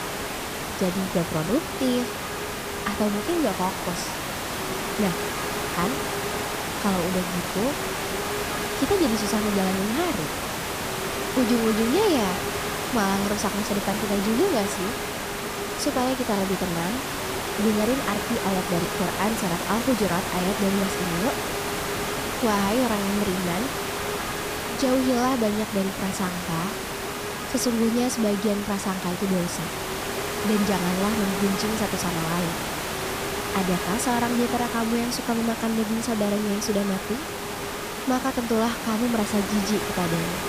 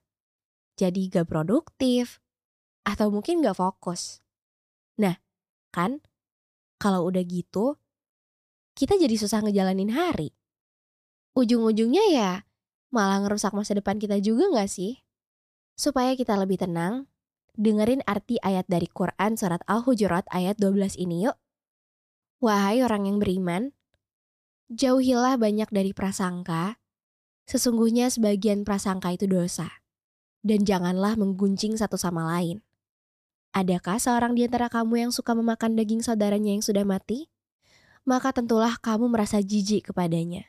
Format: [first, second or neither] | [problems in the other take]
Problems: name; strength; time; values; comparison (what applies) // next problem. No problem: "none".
second | hiss; loud; throughout; 2 dB below the speech